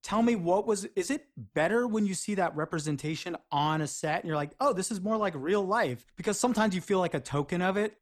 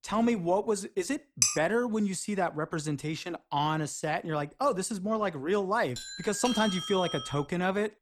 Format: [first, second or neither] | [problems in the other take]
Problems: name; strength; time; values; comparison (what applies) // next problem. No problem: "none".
first | clattering dishes; loud; at 1.5 s; peak 4 dB above the speech // doorbell; noticeable; from 6 to 7.5 s; peak 3 dB below the speech